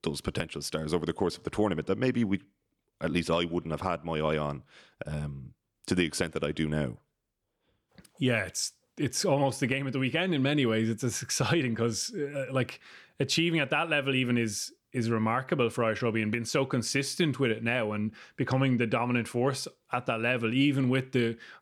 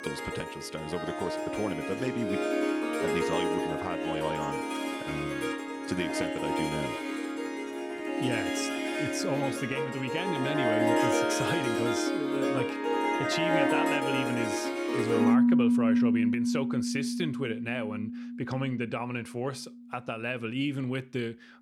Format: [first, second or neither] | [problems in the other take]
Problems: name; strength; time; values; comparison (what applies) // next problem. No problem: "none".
first | background music; very loud; throughout; 5 dB above the speech